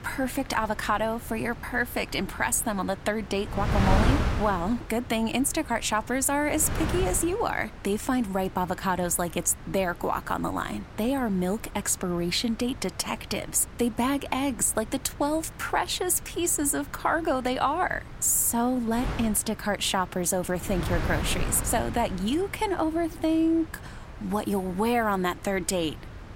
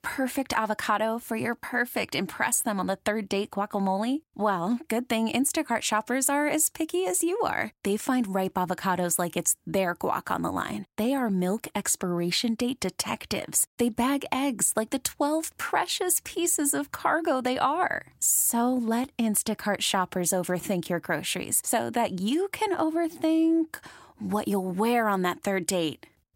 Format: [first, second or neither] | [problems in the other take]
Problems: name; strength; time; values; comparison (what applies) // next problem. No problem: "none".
second | wind noise on the microphone; occasional gusts; 10 dB below the speech